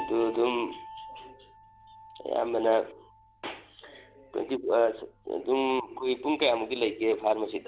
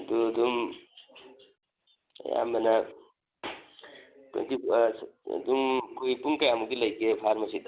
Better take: second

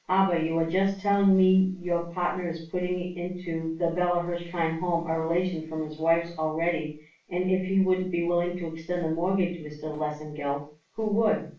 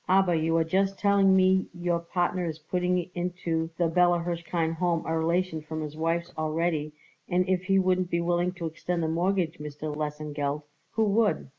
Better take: second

